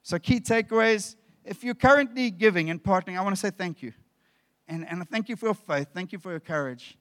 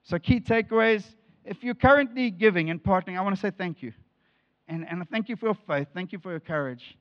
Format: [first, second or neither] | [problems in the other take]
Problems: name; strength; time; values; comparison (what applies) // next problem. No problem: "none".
first | muffled; slightly; fading above 3.5 kHz